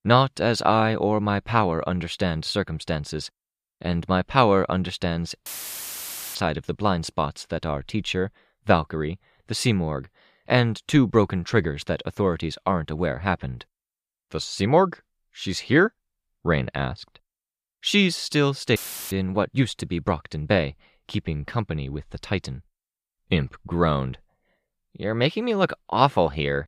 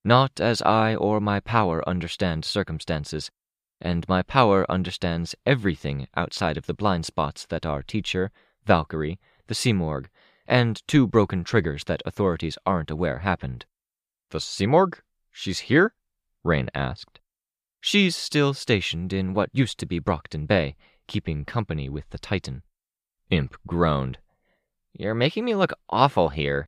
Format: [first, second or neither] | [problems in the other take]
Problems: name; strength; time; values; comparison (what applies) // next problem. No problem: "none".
second | audio cutting out; filled with static; at 5.5 s for 1 s and at 19 s